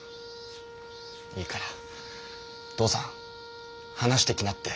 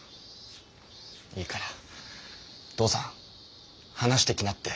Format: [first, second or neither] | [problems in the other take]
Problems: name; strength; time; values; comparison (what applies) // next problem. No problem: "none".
second | background sound (Wind instrument, woodwind instrument); 13 dB below the speech